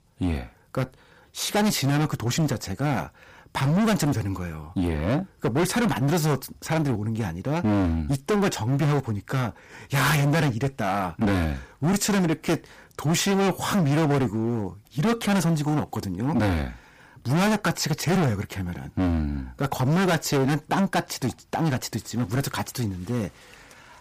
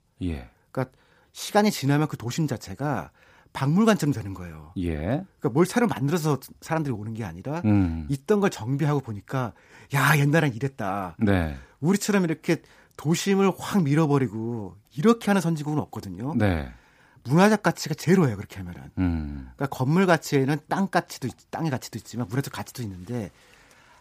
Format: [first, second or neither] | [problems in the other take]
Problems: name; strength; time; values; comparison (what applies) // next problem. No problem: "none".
second | distortion; heavy; 17% of the sound clipped